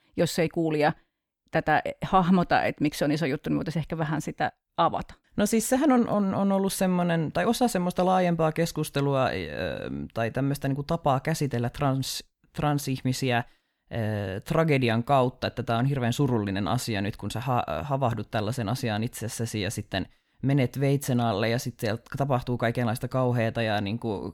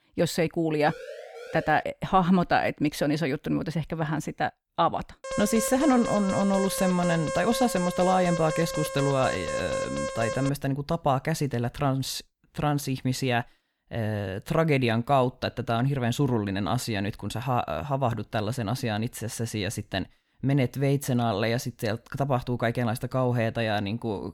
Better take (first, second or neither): first